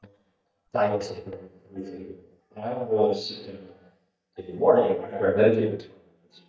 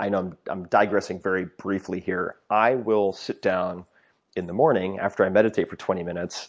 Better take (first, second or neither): second